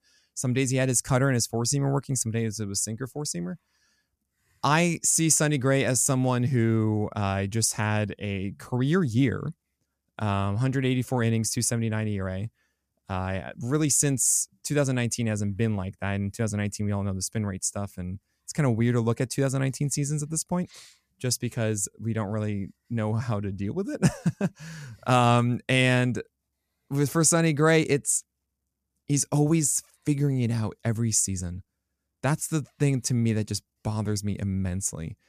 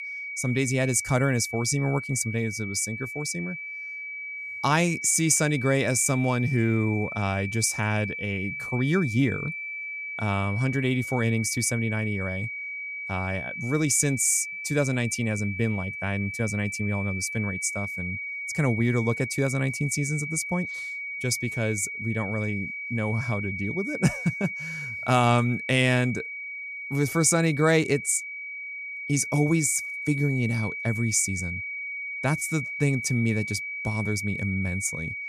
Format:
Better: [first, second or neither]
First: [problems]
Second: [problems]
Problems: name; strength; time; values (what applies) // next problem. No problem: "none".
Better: first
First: none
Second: high-pitched whine; loud; throughout; 2.5 kHz, 6 dB below the speech